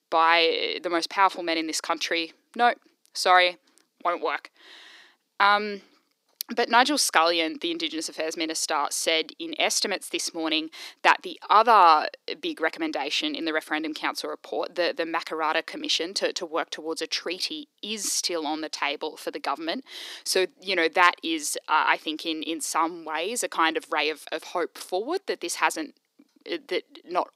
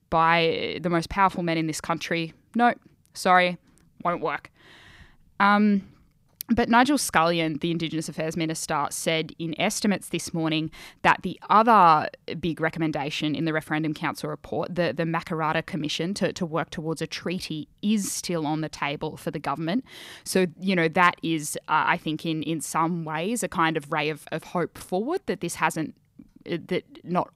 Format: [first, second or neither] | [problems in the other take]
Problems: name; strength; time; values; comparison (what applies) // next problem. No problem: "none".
second | thin; somewhat; fading below 300 Hz